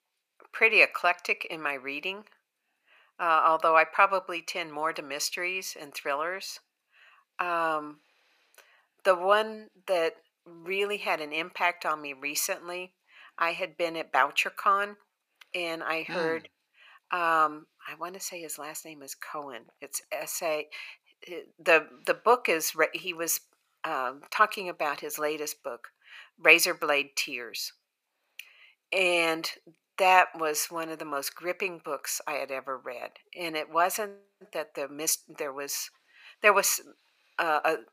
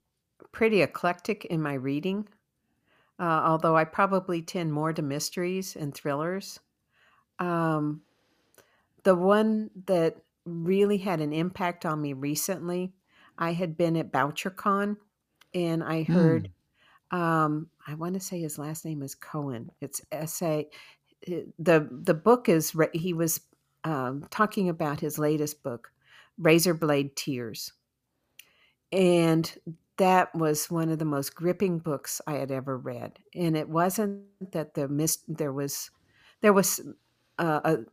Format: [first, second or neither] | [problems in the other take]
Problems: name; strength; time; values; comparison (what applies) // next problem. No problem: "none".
second | thin; very; fading below 700 Hz